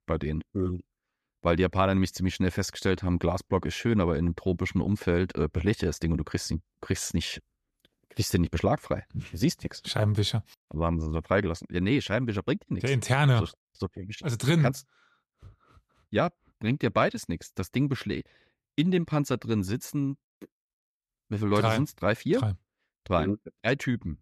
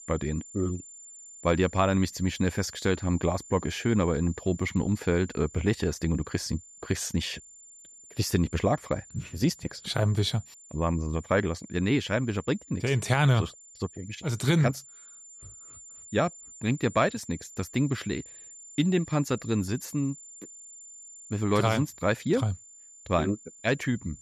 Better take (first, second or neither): first